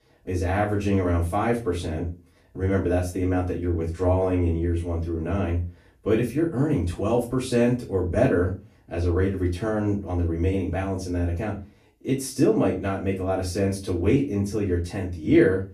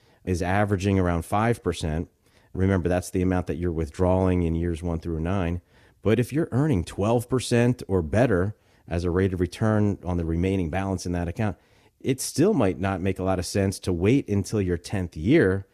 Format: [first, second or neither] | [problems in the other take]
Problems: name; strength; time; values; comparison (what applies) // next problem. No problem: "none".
second | off-mic speech; far // room echo; slight; dies away in 0.3 s